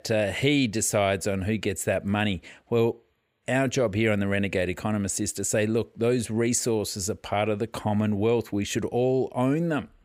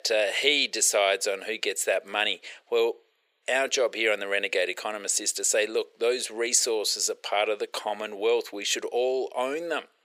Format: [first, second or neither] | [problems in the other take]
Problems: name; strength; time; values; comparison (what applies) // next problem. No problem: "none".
first | thin; very; fading below 450 Hz